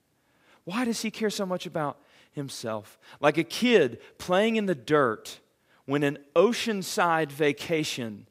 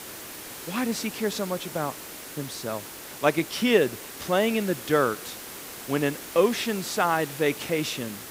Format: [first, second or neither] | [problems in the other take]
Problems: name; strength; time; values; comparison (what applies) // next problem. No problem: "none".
first | hiss; noticeable; throughout; 10 dB below the speech